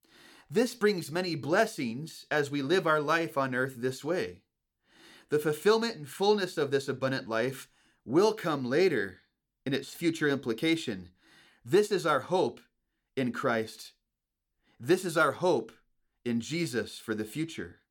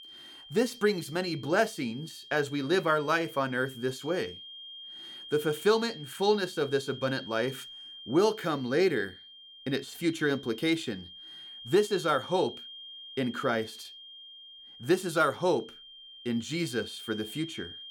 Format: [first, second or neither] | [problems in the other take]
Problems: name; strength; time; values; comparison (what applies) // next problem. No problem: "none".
first | high-pitched whine; noticeable; throughout; 3 kHz, 15 dB below the speech